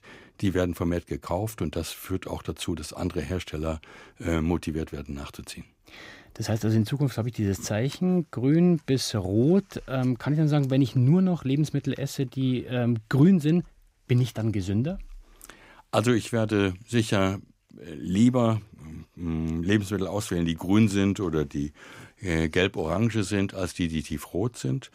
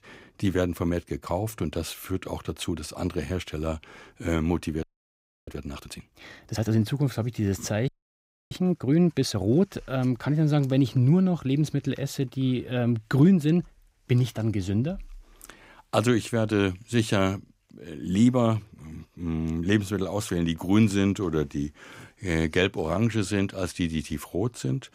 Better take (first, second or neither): first